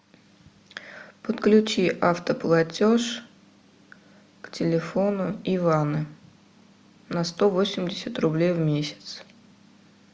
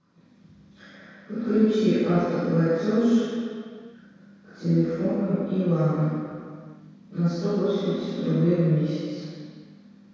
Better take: first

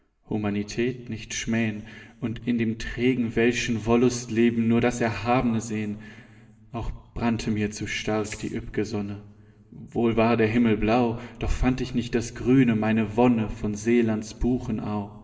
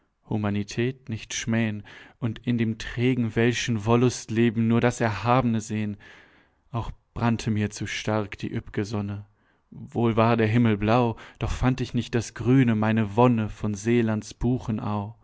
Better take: second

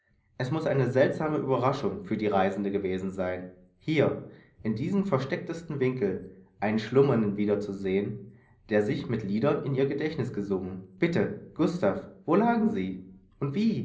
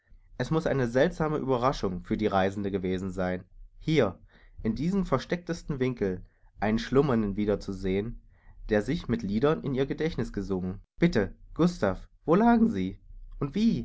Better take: second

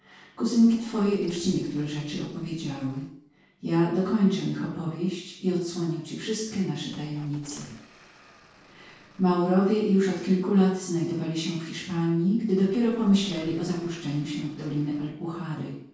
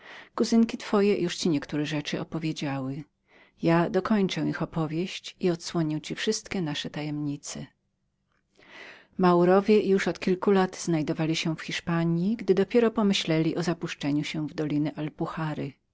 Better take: second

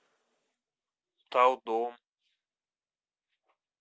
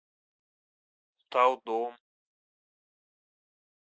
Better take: first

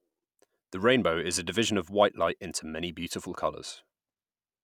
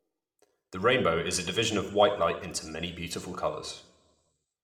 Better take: first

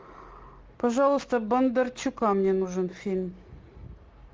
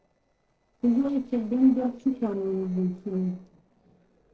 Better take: first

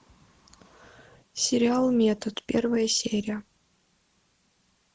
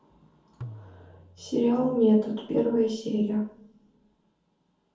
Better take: first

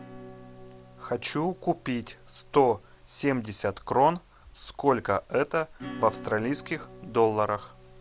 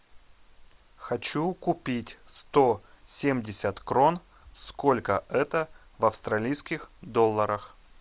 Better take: second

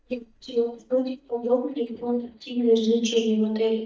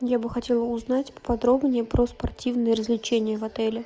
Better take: second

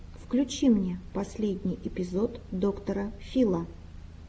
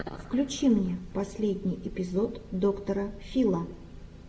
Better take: first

